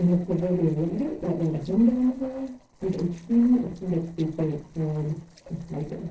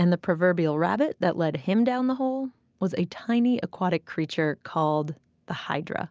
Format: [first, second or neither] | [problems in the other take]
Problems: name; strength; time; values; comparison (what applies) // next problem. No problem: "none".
second | noise reduction (neural separator model SepFormer DNS4)